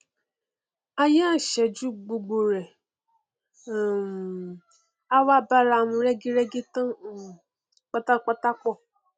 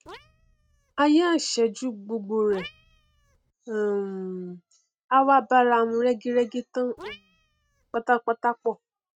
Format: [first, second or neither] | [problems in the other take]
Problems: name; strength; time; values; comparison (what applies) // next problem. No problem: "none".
first | noise reduction (neural mask model RNNoise)